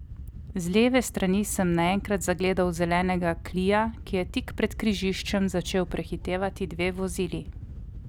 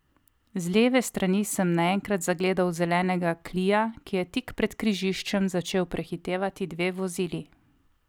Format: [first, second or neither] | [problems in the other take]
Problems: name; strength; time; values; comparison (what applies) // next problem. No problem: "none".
second | background sound (Wind / Boat, Water vehicle); 12 dB below the speech